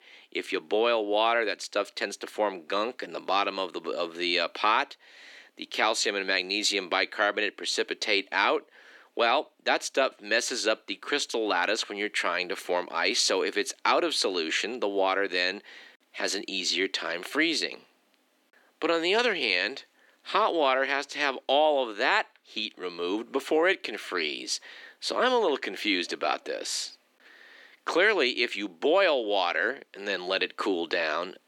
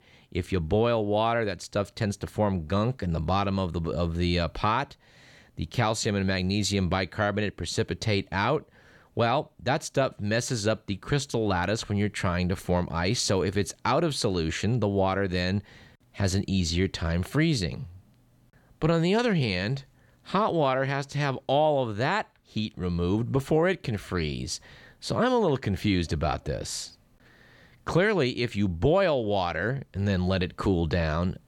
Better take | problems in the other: second | thin; very; fading below 300 Hz

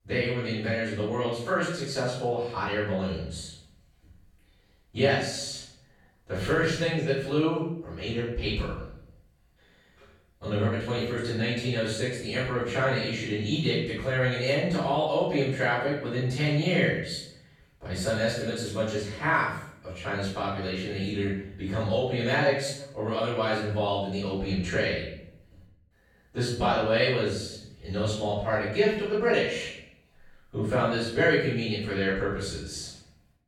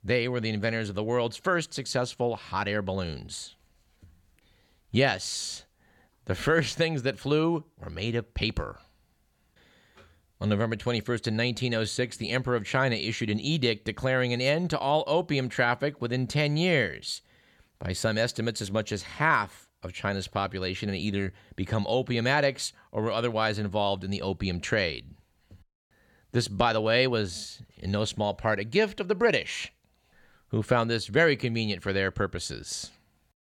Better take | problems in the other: second | off-mic speech; far // room echo; noticeable; dies away in 0.6 s

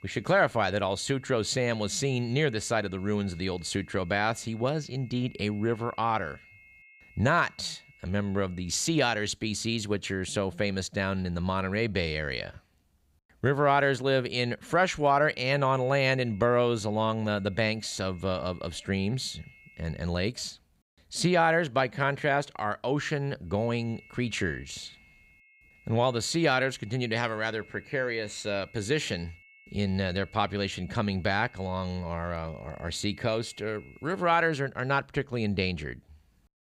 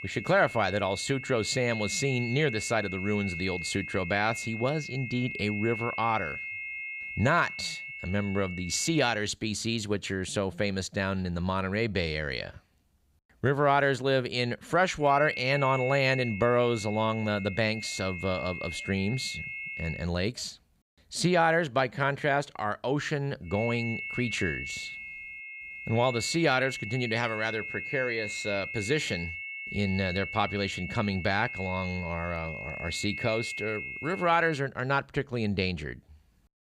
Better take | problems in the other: first | high-pitched whine; loud; until 9 s, from 15 to 20 s and from 24 to 35 s; 2 kHz, 7 dB below the speech; faint in the first

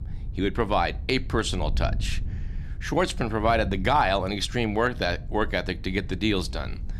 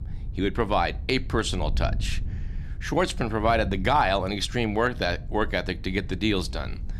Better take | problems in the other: neither | wind noise on the microphone; occasional gusts; 25 dB below the speech; the same in both

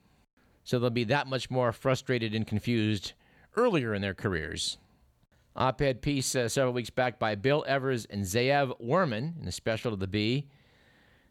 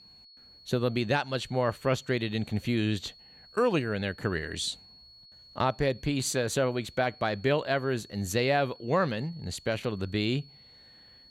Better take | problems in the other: first | high-pitched whine; faint; throughout; 4.5 kHz, 20 dB below the speech

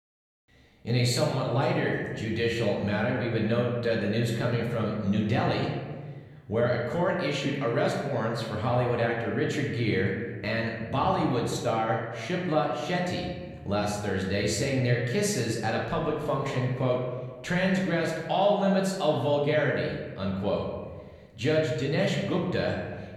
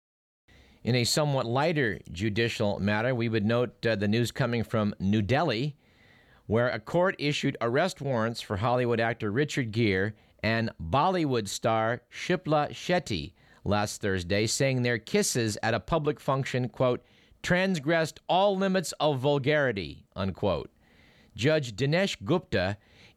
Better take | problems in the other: second | room echo; noticeable; dies away in 1.3 s // off-mic speech; somewhat distant

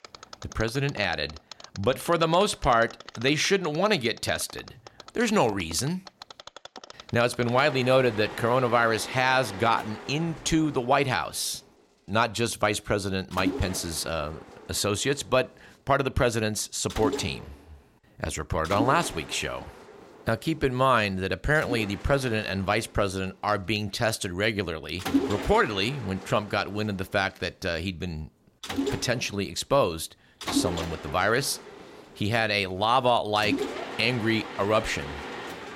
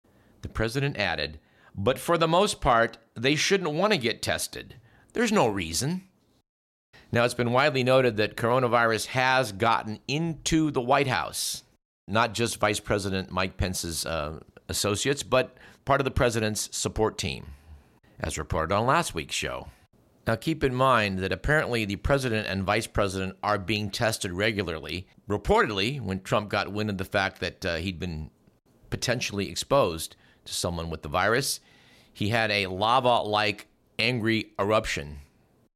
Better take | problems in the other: second | machinery noise; noticeable; throughout; 10 dB below the speech

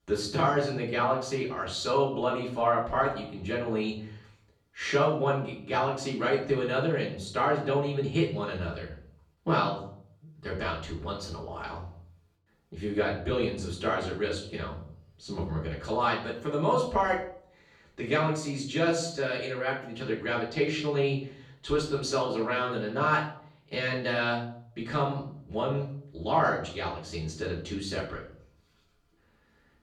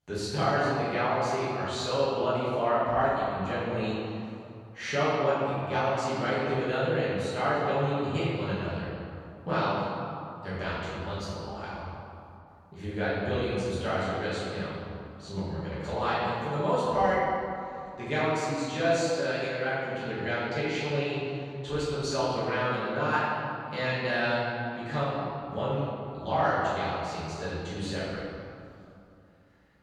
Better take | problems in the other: first | room echo; strong; dies away in 2.3 s; slight in the first // off-mic speech; far; far in the first

